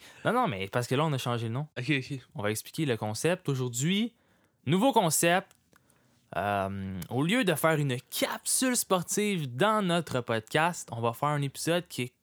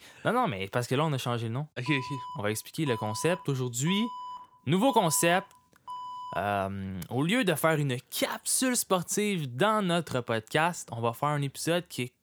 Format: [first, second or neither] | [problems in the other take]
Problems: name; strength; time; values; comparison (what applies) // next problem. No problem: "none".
first | alarm; faint; from 2 to 6.5 s; peak 10 dB below the speech